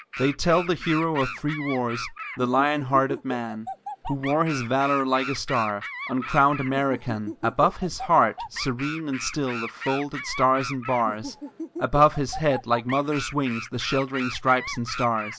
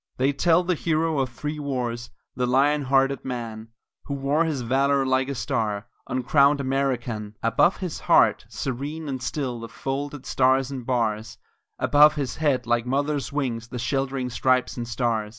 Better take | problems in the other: second | background sound (Animal); 11 dB below the speech

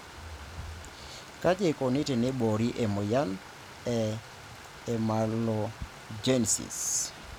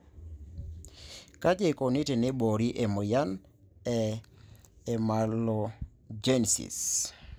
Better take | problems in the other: second | background sound (Stream); 16 dB below the speech

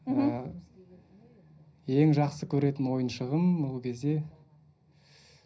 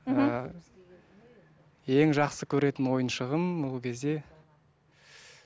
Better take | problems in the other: second | room echo; dies away in 0.4 s

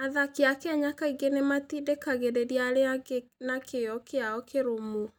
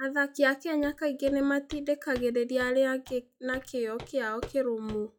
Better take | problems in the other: first | noise reduction (classical method log-MMSE)

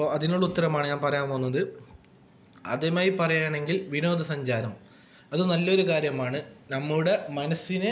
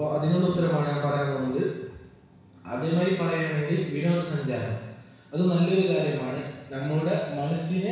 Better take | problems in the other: first | room echo; dies away in 1.1 s

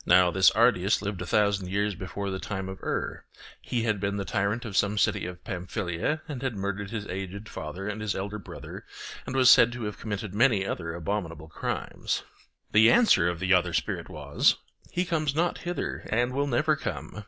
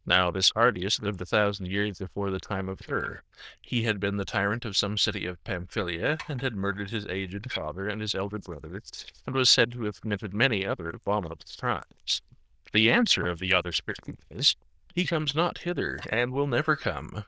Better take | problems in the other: first | noise reduction (neural diffusion model UNIVERSE++)

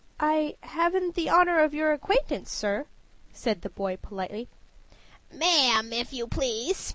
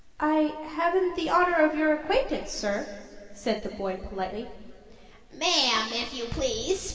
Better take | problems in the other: first | room echo; dies away in 2.3 s

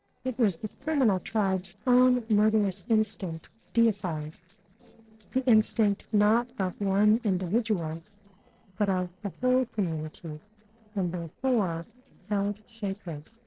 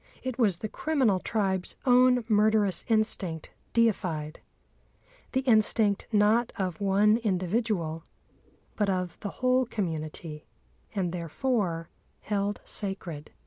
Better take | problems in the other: second | noise reduction (neural separator model SepFormer DNS4)

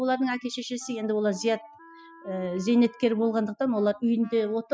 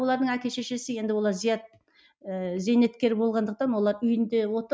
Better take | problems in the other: second | noise reduction (classical method spectral subtraction)

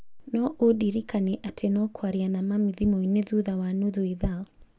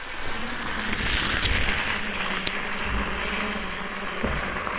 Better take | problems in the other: first | noise reduction (neural separator model SepFormer WHAMR!)

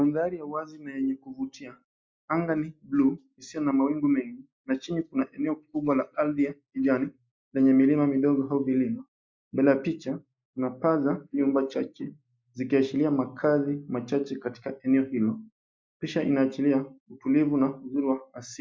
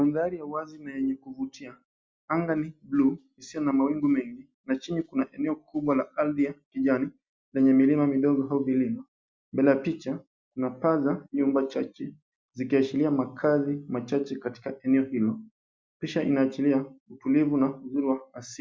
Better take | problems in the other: second | noise reduction (neural mask model Resemble Enhance denoiser)

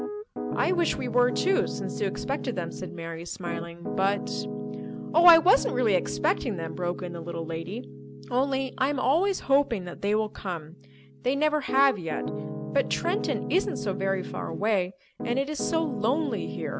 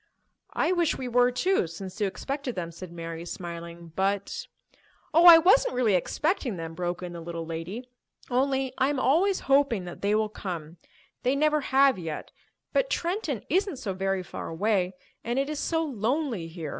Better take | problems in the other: second | background sound (Piano); 7 dB below the speech

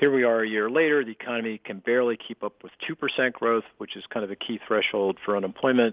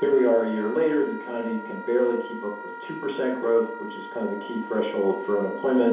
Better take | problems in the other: first | background sound (Wind instrument, woodwind instrument); 13 dB below the speech // room echo; dies away in 2.8 s

